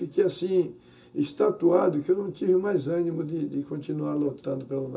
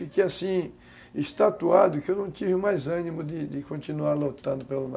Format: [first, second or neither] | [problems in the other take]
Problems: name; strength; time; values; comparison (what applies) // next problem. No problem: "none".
second | room echo; dies away in 0.2 s